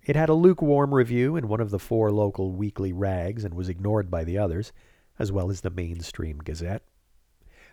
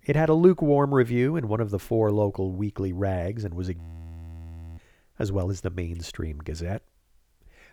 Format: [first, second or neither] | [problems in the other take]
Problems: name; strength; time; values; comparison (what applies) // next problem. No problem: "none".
first | audio freezing; at 4 s for 1 s